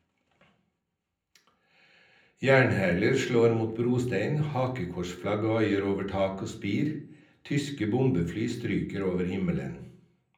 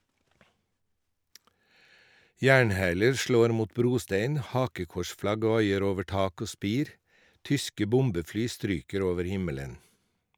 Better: second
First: room echo; dies away in 0.6 s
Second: none

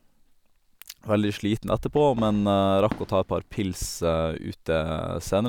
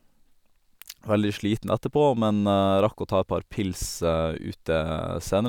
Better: second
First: background sound (Fireworks); 17 dB below the speech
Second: none

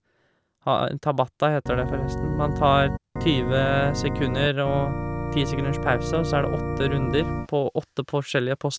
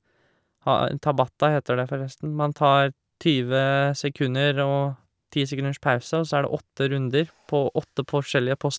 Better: second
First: background sound (Organ); 5 dB below the speech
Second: none

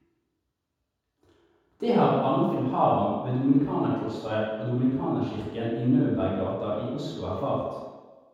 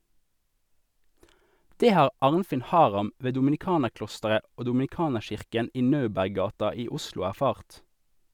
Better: second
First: room echo; dies away in 1.2 s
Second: none

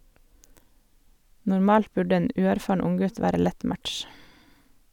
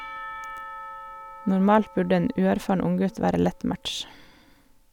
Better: first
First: none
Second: background sound (Church bell / Percussion); 17 dB below the speech

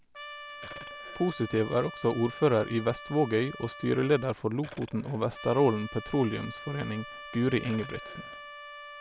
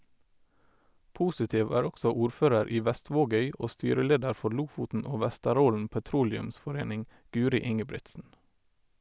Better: second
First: background sound (Trumpet + Burping, eructation); 14 dB below the speech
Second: none

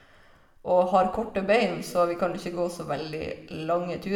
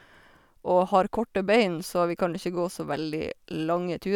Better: second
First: room echo; dies away in 0.8 s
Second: none

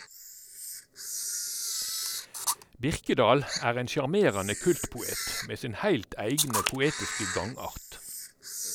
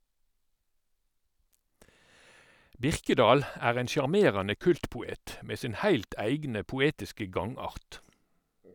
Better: second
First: background sound (Camera); 5 dB below the speech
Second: none

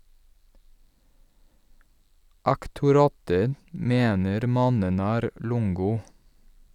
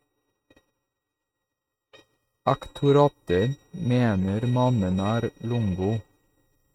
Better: first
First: none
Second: noise reduction (neural mask model RNNoise)

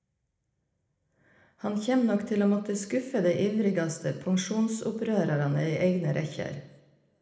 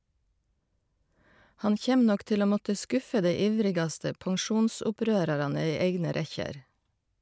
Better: second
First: room echo; dies away in 0.7 s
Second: none

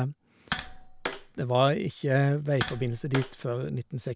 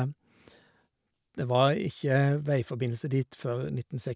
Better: second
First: background sound (Tap); 11 dB below the speech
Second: none

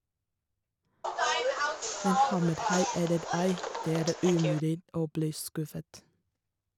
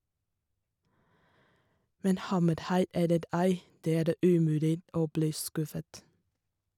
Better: second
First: background sound (Bus); 1 dB above the speech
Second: none

